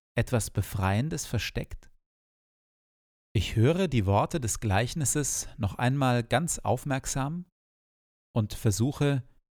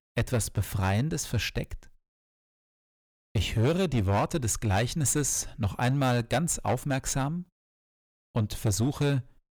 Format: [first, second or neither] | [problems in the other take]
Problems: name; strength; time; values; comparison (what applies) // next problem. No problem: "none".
first | distortion; slight; 7% of the sound clipped